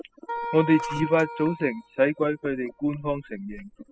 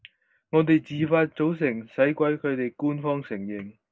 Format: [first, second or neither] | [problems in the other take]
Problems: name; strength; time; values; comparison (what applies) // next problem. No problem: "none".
second | noise reduction (classical method spectral subtraction)